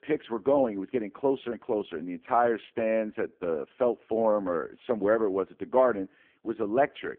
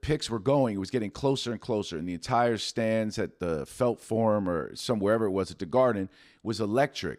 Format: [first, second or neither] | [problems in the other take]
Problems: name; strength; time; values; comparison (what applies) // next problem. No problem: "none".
second | phone-call audio; poor line